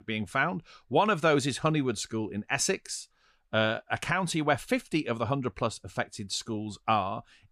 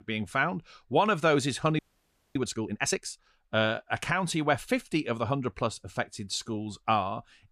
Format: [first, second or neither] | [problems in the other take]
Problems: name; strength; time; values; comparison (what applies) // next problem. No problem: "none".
first | audio freezing; at 2 s for 0.5 s